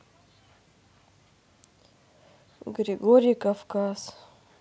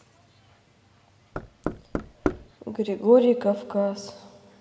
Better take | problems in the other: first | background sound (Knock); 5 dB below the speech // room echo; dies away in 2.1 s

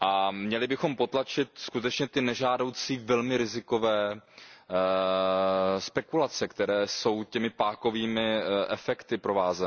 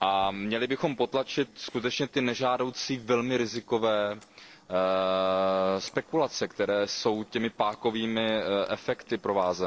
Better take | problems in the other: first | noise reduction (neural separator model SepFormer DNS4)

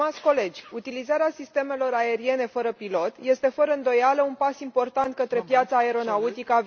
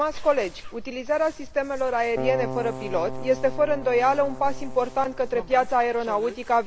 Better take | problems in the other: first | background sound (Keyboard (musical) + Crumpling, crinkling); 9 dB below the speech

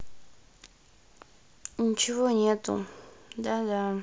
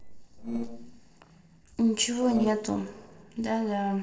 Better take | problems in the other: first | noise reduction (neural separator model SepFormer DNS4)

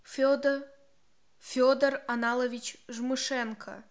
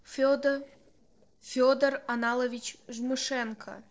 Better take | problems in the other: first | noise reduction (neural separator model SepFormer DNS4)

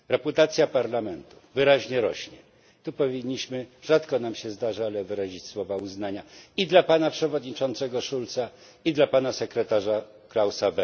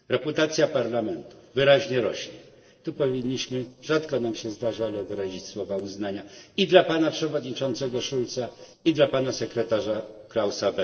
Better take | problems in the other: first | noise reduction (neural separator model SepFormer DNS4)

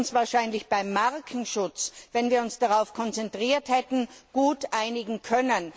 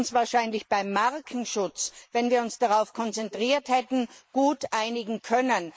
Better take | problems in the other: first | noise reduction (neural mask model Resemble Enhance denoiser)

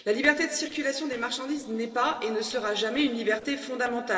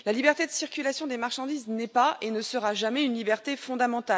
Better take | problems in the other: second | noise reduction (neural separator model SepFormer DNS4)

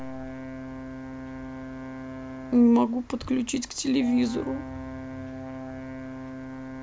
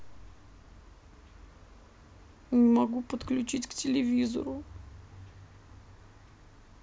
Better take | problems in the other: second | background sound (Brass instrument); 10 dB below the speech

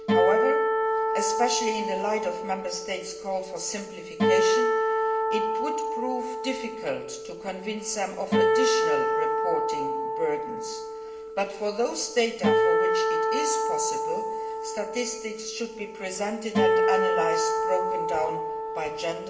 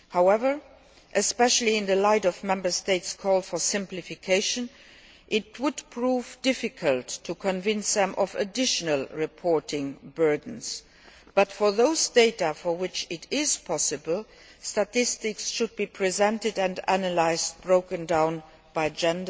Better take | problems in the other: second | background sound (Acoustic guitar); 5 dB above the speech // room echo; dies away in 2 s

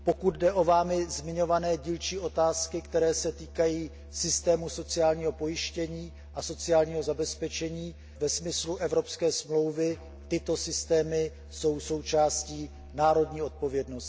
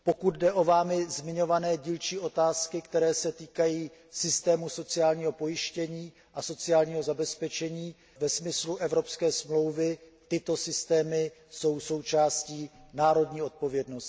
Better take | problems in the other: second | background sound (Musical instrument); 17 dB below the speech

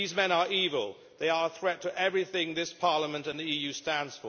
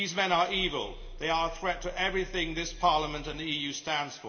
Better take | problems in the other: first | background sound (Growling); 13 dB below the speech // room echo; dies away in 1.4 s

